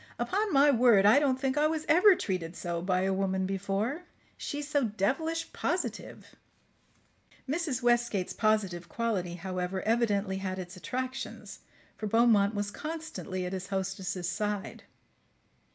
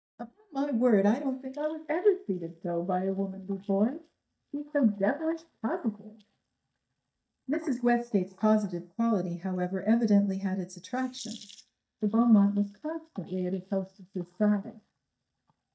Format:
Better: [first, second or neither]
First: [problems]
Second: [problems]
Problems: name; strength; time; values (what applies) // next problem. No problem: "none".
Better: first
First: none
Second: noise reduction (neural mask model DeepFilterNet 3)